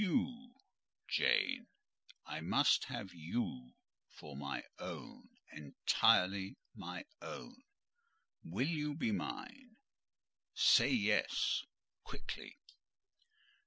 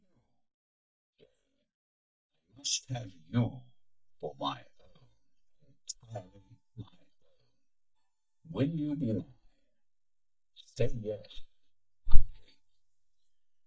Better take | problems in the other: first | noise reduction (neural mask model DeepFilterNet 3)

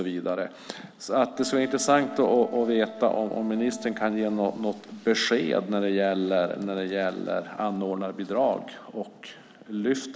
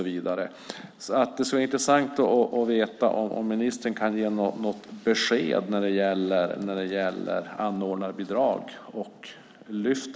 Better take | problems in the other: second | background sound (Wind instrument, woodwind instrument); 14 dB below the speech

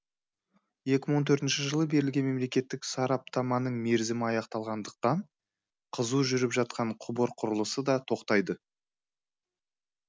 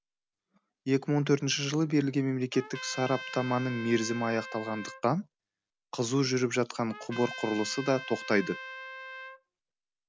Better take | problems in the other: first | background sound (Trumpet); 12 dB below the speech

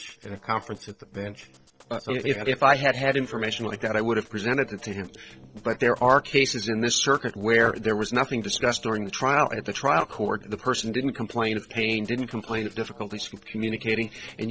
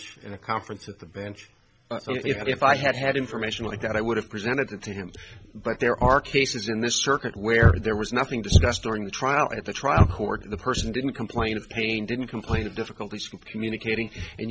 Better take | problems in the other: second | noise reduction (neural separator model SepFormer DNS4)

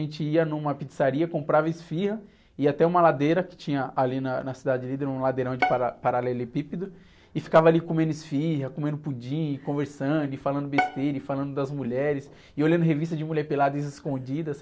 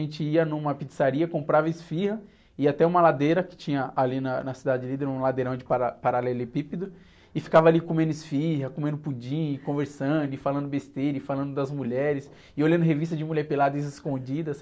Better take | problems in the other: second | background sound (Bowed string instrument); 8 dB below the speech

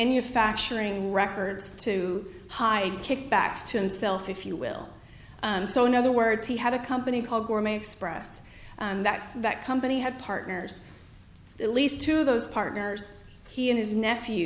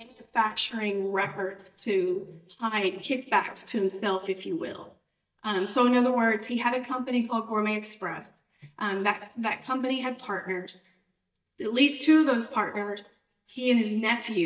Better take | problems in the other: first | noise reduction (neural mask model DeepFilterNet 3)

